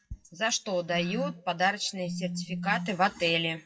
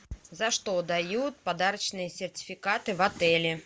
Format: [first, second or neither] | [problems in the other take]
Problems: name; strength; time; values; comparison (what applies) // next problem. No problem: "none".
second | noise reduction (classical method WPE with log-MMSE)